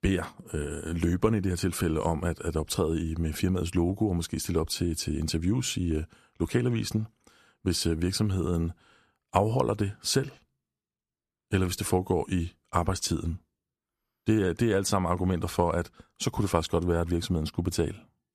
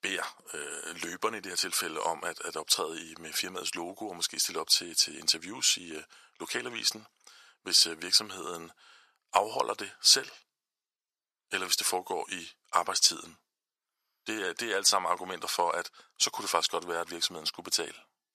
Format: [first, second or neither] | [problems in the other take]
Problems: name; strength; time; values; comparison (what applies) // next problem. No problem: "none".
first | thin; very; fading below 800 Hz